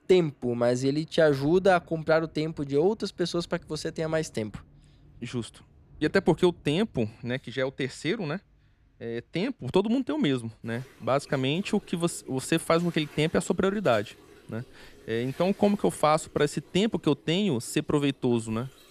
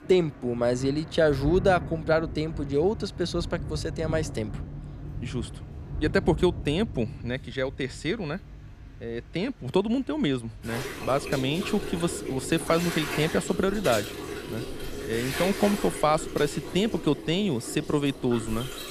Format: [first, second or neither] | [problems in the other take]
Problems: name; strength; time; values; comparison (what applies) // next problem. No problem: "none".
first | rain or running water; loud; throughout; 9 dB below the speech; faint in the first